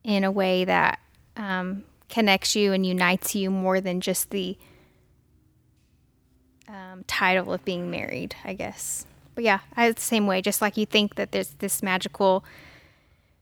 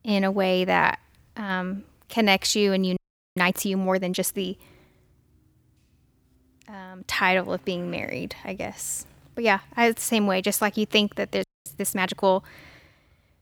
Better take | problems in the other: first | audio freezing; at 3 s and at 11 s

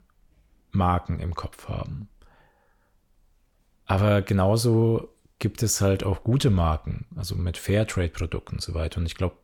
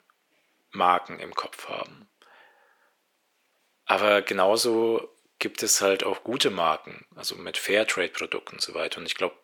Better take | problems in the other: first | thin; very; fading below 350 Hz

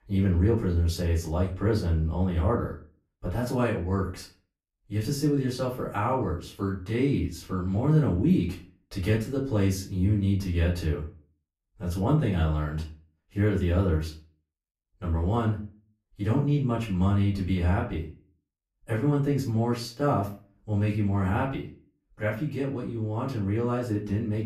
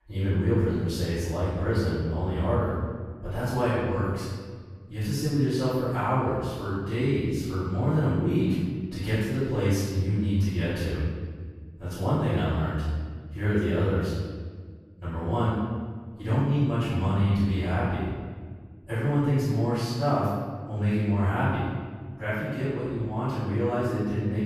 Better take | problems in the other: first | room echo; strong; dies away in 1.5 s; slight in the first // off-mic speech; far; far in the first

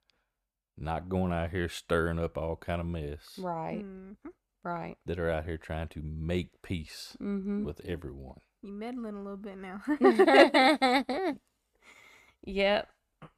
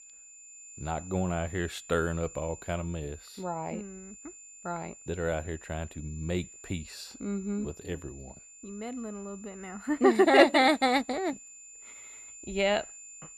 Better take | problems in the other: first | high-pitched whine; noticeable; throughout; 7 kHz, 20 dB below the speech

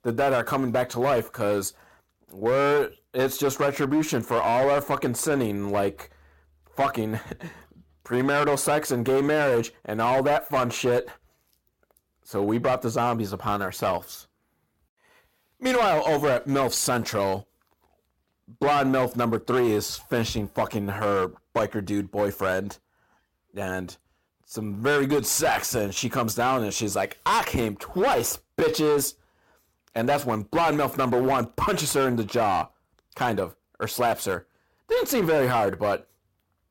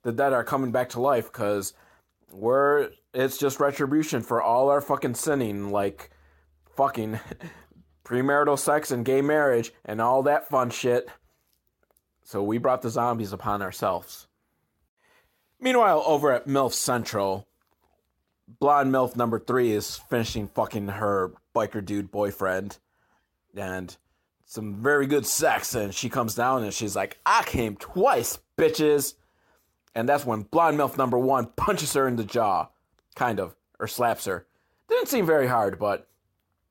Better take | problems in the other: second | distortion; slight; 9% of the sound clipped

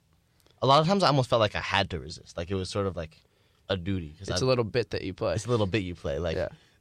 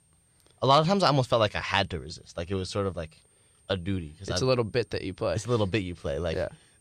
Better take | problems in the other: first | high-pitched whine; faint; throughout; 8.5 kHz, 35 dB below the speech

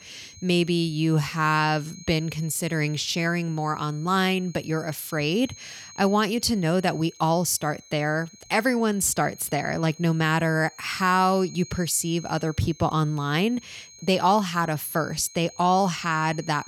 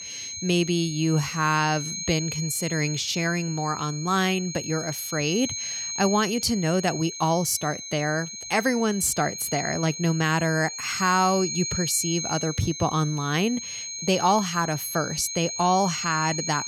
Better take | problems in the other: first | high-pitched whine; loud; throughout; 6.5 kHz, 6 dB below the speech; faint in the first

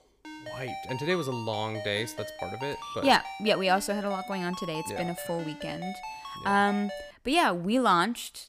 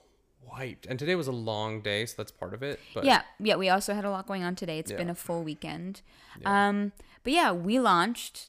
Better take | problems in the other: second | phone ringing; faint; until 7 s; peak 10 dB below the speech

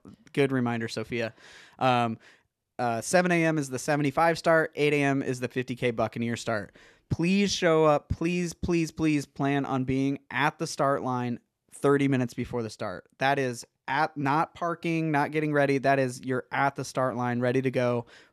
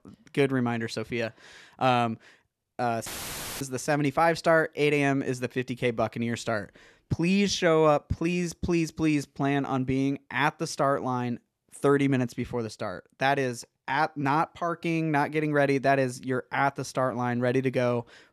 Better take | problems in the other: first | audio cutting out; filled with static; at 3 s for 0.5 s

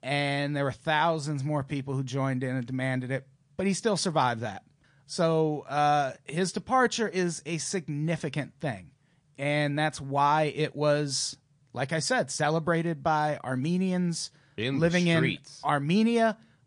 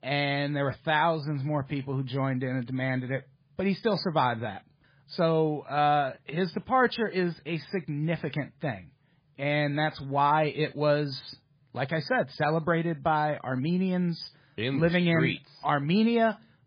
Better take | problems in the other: first | garbled, watery; badly; nothing above 5 kHz; slightly in the first

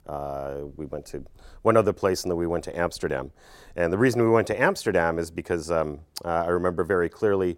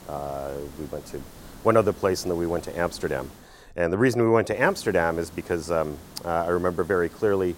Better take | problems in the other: first | hiss; faint; until 3.5 s and from 4.5 s on; 20 dB below the speech

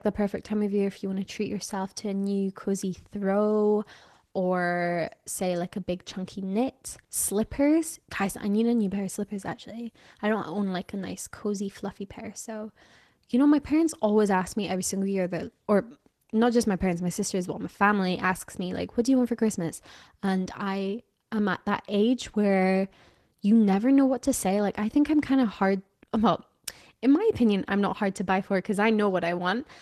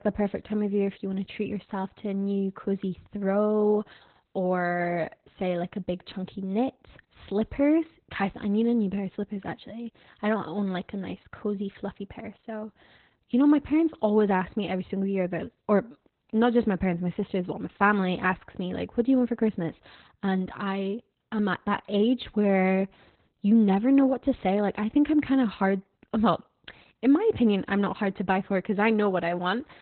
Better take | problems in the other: first | garbled, watery; badly; nothing above 4 kHz; slightly in the first

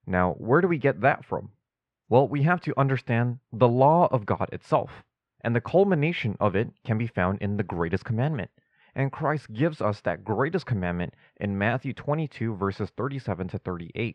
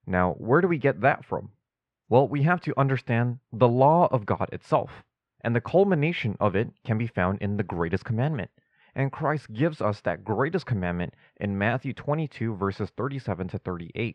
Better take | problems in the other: neither | muffled; very; fading above 2 kHz; the same in both

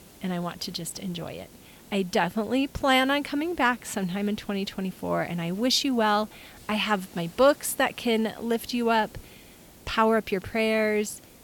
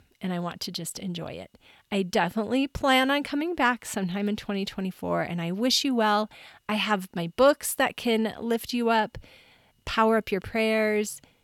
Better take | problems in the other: second | hiss; faint; throughout; 25 dB below the speech

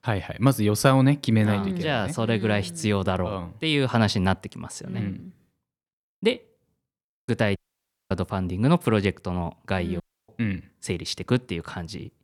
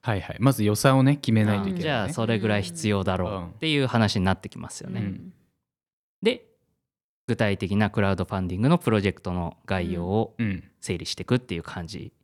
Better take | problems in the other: second | audio cutting out; at 7.5 s for 0.5 s and at 10 s

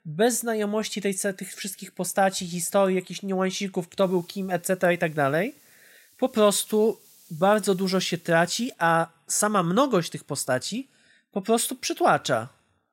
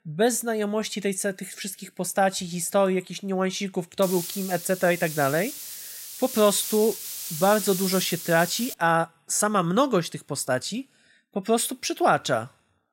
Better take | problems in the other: first | hiss; loud; from 4 to 8.5 s; 7 dB below the speech; faint in the first

